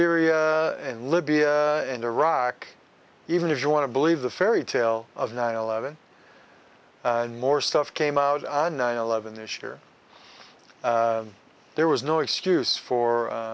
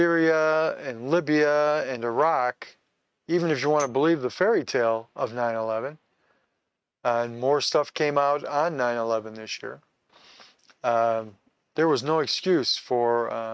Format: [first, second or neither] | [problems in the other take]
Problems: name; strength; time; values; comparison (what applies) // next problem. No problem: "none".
first | noise reduction (neural mask model RNNoise)